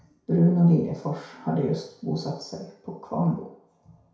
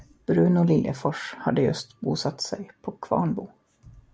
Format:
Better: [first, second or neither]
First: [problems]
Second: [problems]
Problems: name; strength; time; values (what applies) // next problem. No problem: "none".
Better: second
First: room echo; dies away in 0.6 s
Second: none